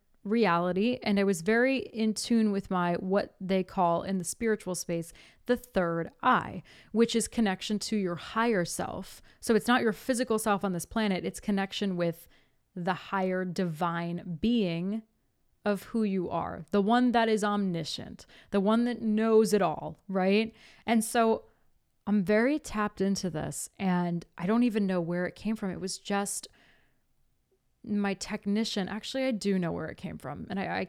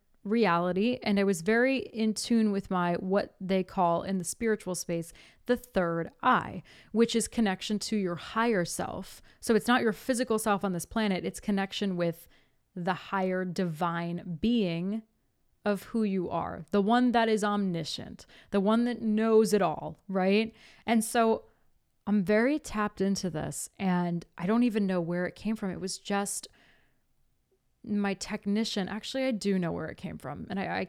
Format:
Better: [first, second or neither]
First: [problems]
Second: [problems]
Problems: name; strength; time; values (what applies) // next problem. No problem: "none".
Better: neither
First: none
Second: none